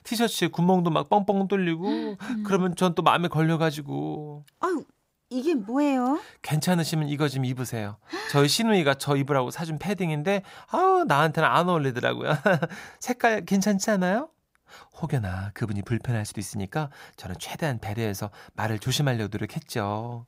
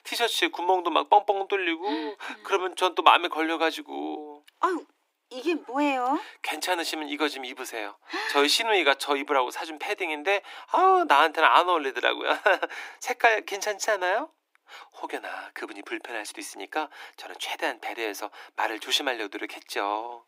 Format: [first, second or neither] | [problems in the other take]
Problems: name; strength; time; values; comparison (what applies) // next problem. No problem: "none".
first | thin; very; fading below 300 Hz